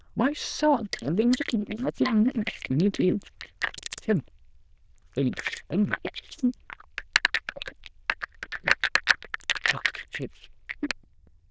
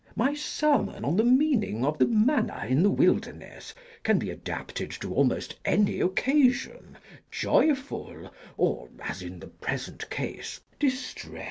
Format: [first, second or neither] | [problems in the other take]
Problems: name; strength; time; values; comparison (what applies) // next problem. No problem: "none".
second | noise reduction (neural diffusion model UNIVERSE++)